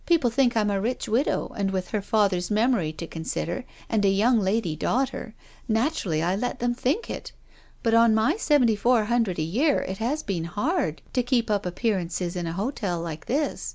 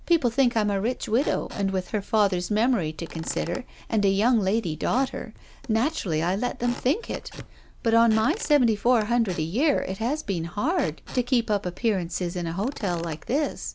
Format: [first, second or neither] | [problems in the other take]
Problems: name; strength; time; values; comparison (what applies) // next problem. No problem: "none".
first | background sound (Squeak / Wood); 20 dB below the speech